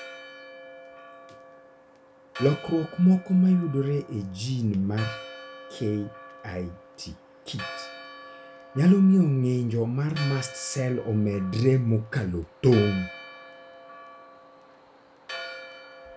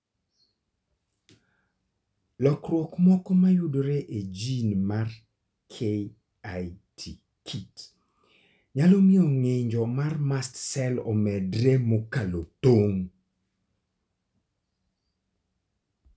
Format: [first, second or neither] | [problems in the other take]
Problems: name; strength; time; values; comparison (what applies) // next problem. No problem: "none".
second | background sound (Church bell); 16 dB below the speech